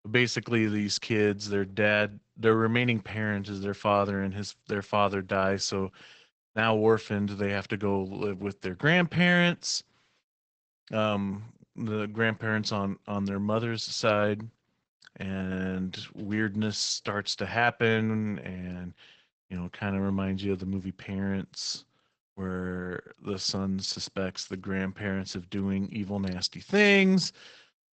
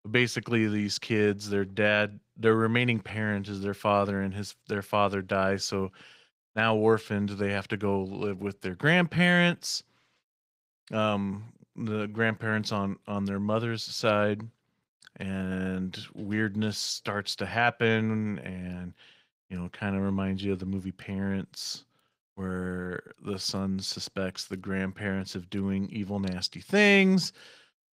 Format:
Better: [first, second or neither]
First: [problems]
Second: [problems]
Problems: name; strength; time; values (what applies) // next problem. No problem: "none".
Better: second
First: garbled, watery; badly; nothing above 7.5 kHz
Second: garbled, watery; slightly; nothing above 15.5 kHz